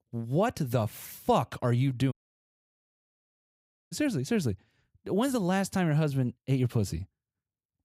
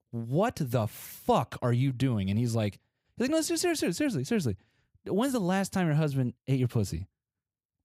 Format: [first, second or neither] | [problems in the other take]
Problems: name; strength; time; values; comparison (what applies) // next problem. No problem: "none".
second | audio cutting out; at 2 s for 2 s